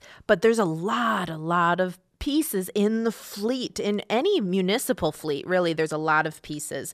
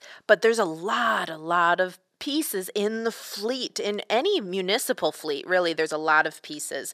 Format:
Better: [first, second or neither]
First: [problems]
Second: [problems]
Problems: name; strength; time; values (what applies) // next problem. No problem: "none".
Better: first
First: none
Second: thin; somewhat; fading below 300 Hz